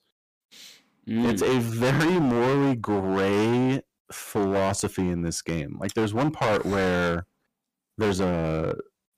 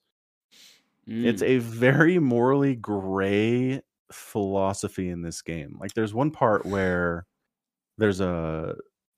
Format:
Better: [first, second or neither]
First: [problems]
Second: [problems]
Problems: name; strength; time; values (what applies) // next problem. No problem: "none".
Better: second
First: distortion; heavy; 19% of the sound clipped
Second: none